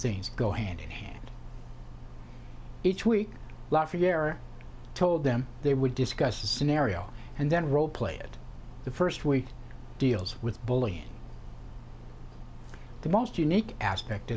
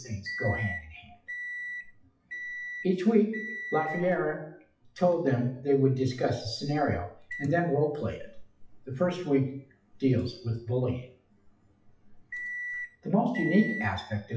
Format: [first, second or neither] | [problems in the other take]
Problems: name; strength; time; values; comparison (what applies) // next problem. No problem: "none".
first | noise reduction (classical method WPE with log-MMSE)